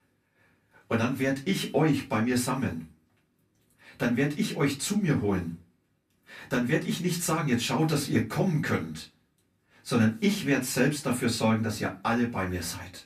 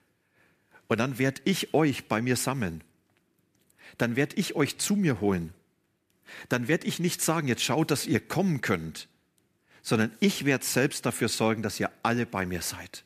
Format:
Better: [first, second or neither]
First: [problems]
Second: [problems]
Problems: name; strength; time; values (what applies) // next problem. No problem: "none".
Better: second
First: off-mic speech; far // room echo; very slight; dies away in 0.2 s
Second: none